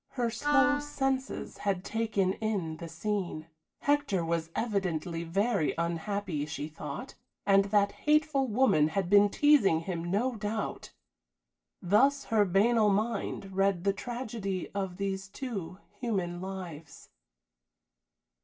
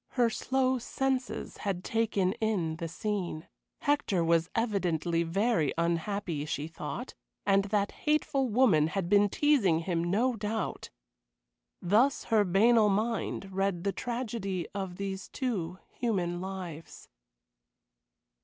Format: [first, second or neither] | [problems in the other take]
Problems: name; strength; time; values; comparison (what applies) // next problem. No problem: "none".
second | background sound (Wind instrument, woodwind instrument); 3 dB below the speech // room echo; dies away in 0.2 s